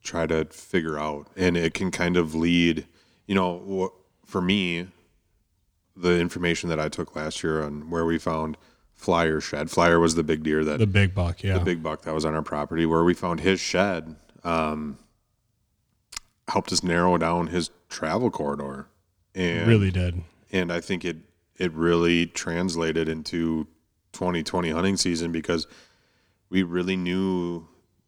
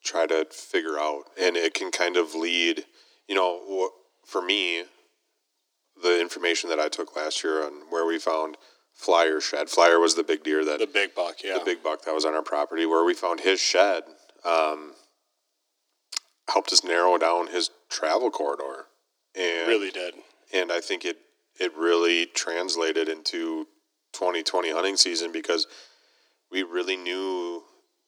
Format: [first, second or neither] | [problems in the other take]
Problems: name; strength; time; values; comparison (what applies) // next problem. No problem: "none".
first | thin; very; fading below 300 Hz